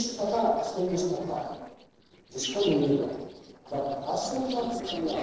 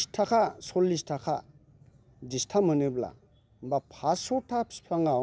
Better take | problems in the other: second | noise reduction (neural separator model SepFormer DNS4)

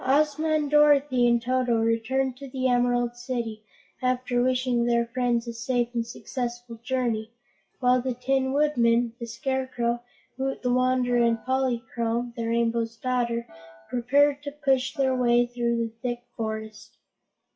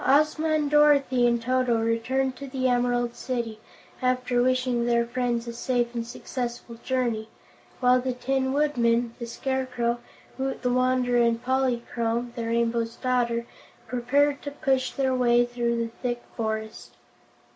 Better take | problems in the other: second | noise reduction (classical method WPE with log-MMSE)

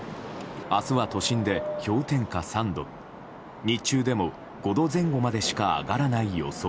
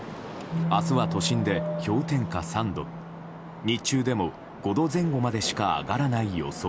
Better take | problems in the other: first | background sound (Bass guitar); 8 dB below the speech

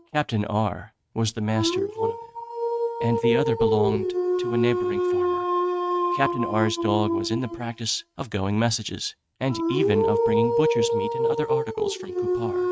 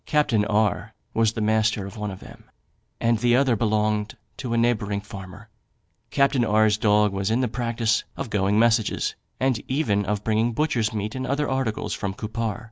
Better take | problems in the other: second | noise reduction (neural mask model RNNoise)

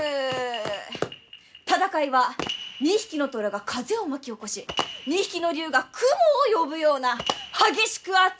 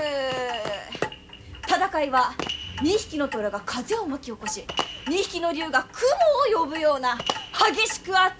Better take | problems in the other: first | background sound (Clock); 16 dB below the speech

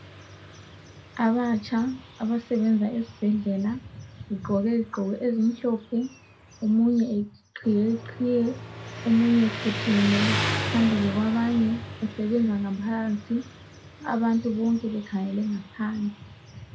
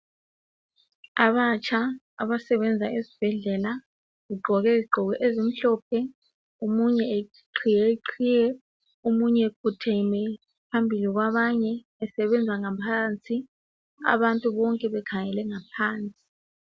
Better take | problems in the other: second | background sound (Motorcycle); 10 dB below the speech // room echo; dies away in 0.2 s

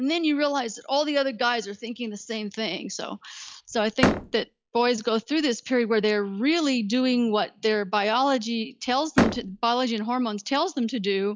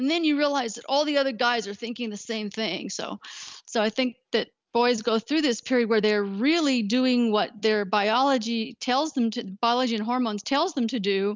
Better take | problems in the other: second | noise reduction (classical method log-MMSE)

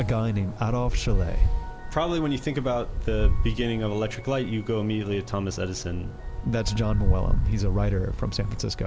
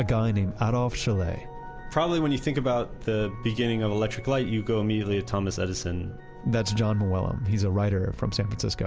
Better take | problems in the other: second | background sound (Wind); as loud as the speech

